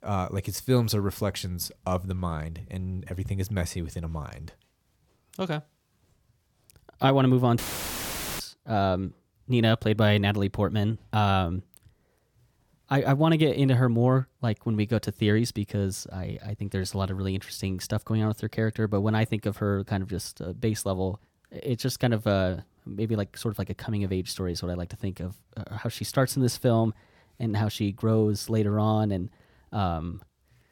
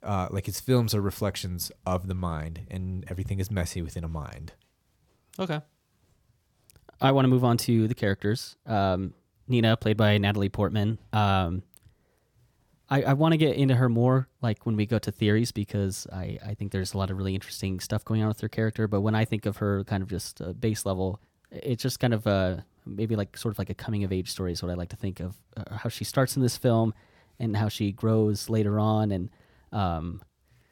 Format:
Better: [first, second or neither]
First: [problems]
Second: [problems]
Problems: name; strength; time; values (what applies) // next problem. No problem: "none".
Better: second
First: audio cutting out; filled with static; at 7.5 s for 1 s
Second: none